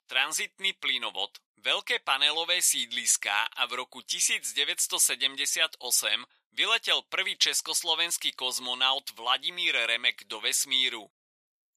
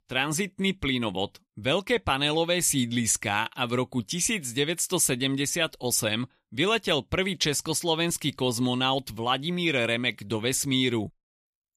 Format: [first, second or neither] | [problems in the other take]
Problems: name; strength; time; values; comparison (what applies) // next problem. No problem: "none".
second | thin; very; fading below 900 Hz